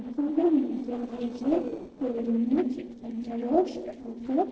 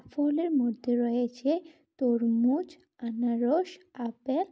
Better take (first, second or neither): second